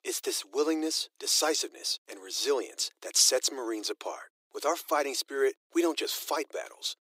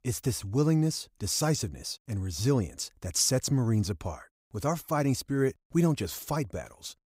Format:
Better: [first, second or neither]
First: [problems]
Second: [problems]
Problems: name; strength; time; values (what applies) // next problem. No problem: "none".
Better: second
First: thin; very; fading below 350 Hz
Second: none